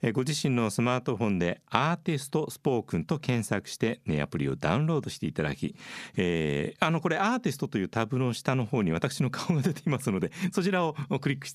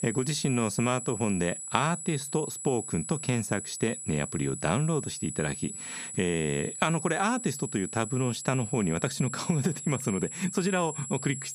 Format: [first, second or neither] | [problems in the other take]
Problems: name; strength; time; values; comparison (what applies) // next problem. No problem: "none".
first | high-pitched whine; loud; throughout; 8 kHz, 7 dB below the speech